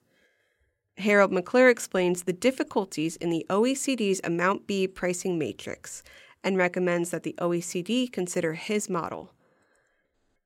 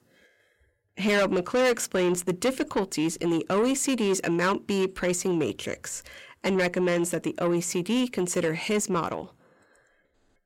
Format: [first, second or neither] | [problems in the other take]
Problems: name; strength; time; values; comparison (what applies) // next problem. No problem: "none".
first | distortion; heavy; 8 dB below the speech